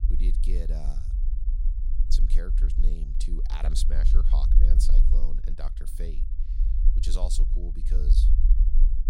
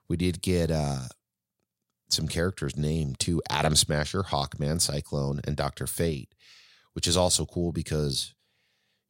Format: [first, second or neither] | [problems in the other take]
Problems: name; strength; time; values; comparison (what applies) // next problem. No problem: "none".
second | low rumble; loud; throughout; 7 dB below the speech